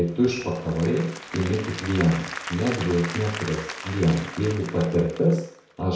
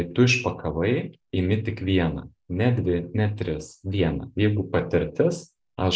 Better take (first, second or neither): second